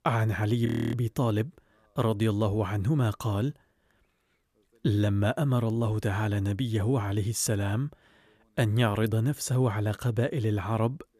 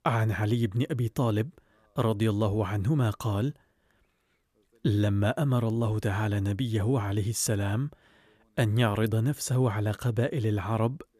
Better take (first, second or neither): second